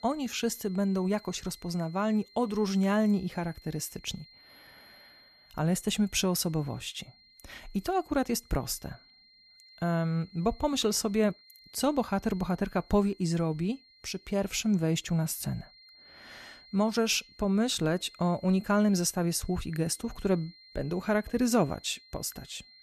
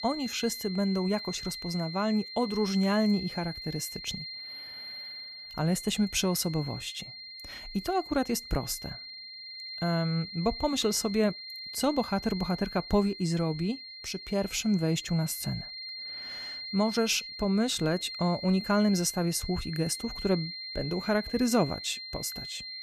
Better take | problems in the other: first | high-pitched whine; loud; throughout; 4 kHz, 9 dB below the speech; faint in the first

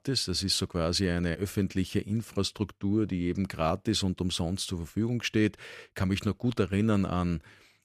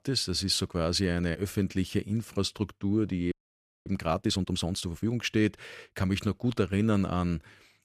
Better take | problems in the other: first | audio freezing; at 3.5 s for 0.5 s

